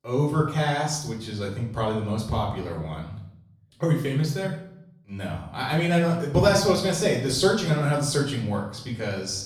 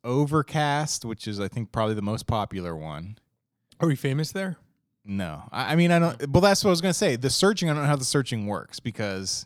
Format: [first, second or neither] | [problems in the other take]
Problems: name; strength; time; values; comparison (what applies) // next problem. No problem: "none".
second | room echo; noticeable; dies away in 0.6 s // off-mic speech; far